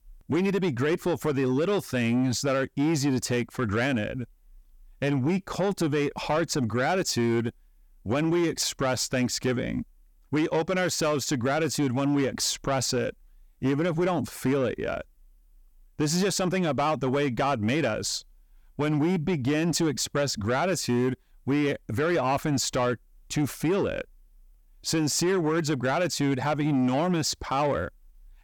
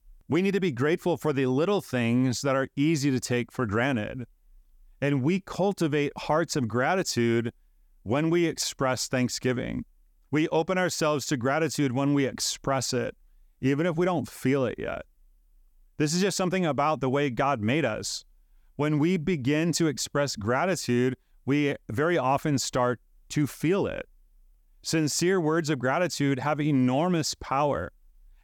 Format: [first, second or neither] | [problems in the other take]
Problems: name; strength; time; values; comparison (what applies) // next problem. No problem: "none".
second | distortion; slight; 10 dB below the speech